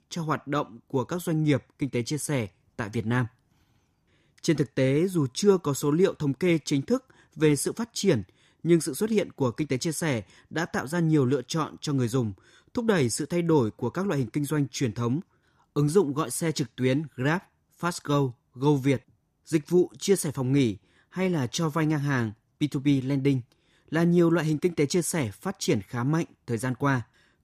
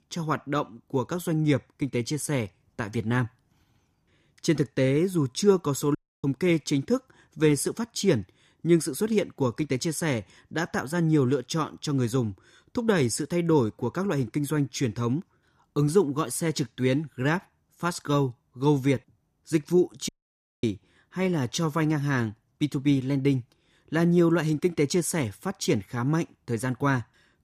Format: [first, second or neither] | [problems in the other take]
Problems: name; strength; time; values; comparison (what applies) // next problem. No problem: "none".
first | audio cutting out; at 6 s and at 20 s for 0.5 s